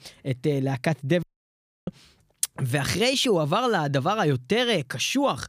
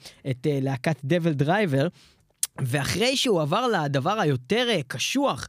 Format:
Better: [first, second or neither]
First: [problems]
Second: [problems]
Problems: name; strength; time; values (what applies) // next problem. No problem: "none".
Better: second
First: audio cutting out; at 1 s for 0.5 s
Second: none